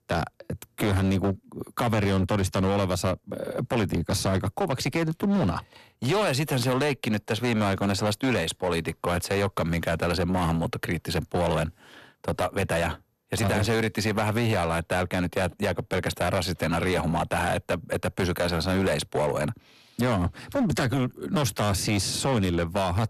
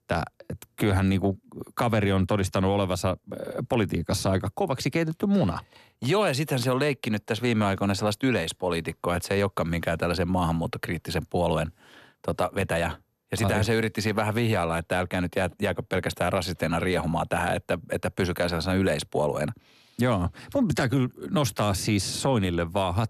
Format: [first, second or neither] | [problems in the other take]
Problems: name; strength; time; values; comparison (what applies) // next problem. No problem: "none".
second | distortion; slight; 14% of the sound clipped